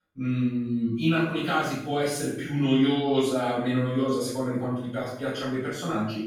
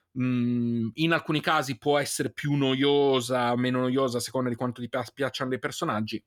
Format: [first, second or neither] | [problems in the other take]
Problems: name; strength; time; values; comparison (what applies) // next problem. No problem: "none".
second | off-mic speech; far // room echo; strong; dies away in 0.7 s